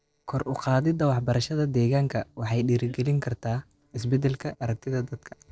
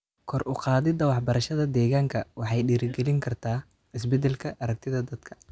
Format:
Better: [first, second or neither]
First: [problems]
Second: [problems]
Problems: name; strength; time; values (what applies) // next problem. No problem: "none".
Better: second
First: noise reduction (neural separator model SepFormer DNS4)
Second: none